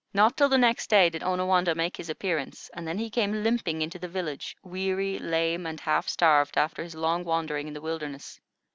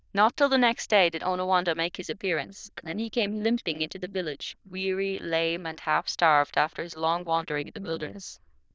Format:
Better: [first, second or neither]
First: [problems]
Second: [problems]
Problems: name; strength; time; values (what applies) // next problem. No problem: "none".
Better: first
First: none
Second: noise reduction (neural diffusion model UNIVERSE++)